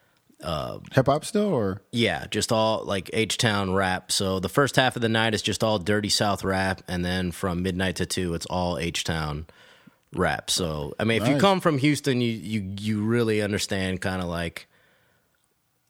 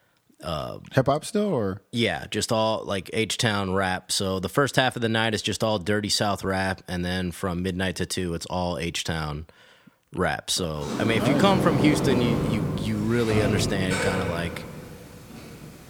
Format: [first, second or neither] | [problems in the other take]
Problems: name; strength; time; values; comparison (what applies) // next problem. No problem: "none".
first | door banging; loud; from 11 s on; peak 2 dB above the speech